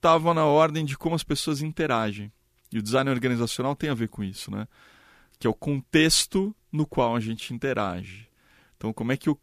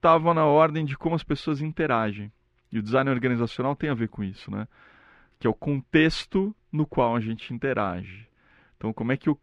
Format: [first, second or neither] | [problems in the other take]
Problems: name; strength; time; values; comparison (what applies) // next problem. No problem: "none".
first | muffled; slightly; fading above 2 kHz